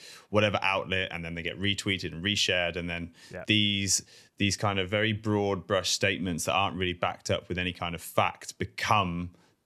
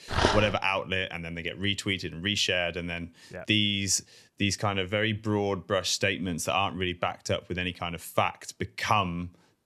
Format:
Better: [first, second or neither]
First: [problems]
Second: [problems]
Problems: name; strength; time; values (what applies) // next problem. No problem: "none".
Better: first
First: none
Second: dog barking; loud; at the start; peak 2 dB above the speech